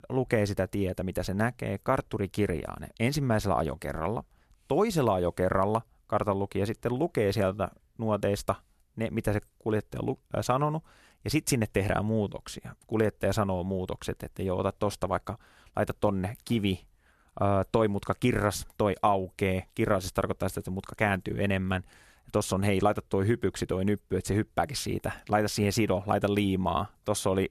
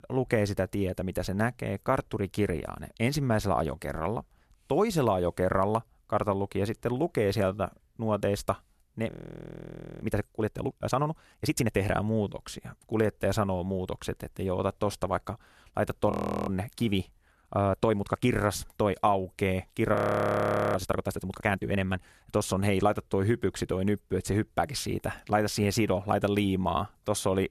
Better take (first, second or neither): first